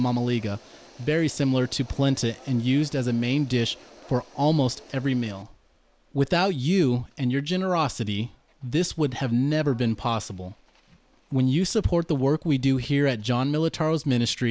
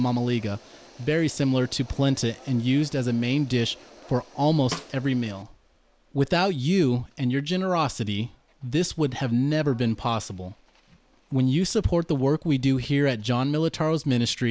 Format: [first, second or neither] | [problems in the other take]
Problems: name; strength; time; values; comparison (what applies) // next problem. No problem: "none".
first | background sound (Snare drum); 14 dB below the speech